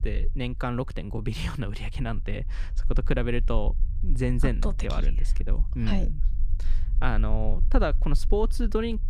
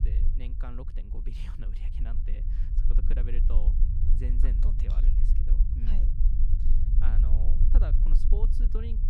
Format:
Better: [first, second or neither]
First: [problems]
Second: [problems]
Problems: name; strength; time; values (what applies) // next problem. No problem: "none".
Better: first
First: low rumble; faint; throughout; 20 dB below the speech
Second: low rumble; loud; throughout; 2 dB below the speech